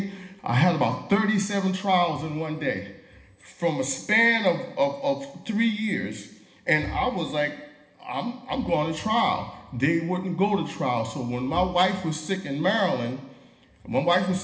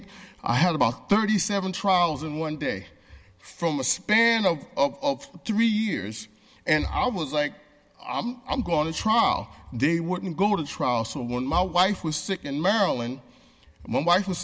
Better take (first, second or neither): second